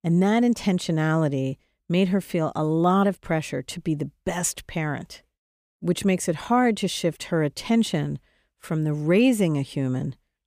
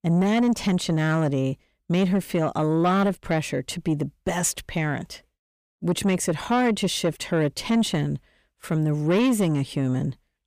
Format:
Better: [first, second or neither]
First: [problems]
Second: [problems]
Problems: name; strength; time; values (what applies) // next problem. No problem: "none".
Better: first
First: none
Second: distortion; slight; 10 dB below the speech